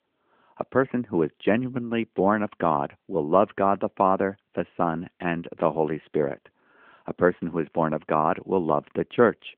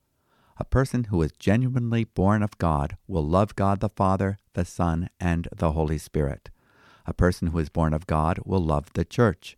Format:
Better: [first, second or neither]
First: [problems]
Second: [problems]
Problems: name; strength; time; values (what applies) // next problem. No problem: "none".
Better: second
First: phone-call audio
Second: none